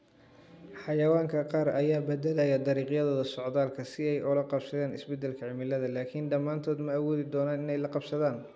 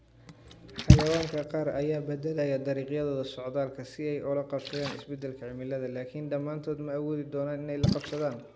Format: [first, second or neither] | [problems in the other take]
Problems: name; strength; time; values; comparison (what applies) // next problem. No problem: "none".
first | background sound (Splash, splatter); as loud as the speech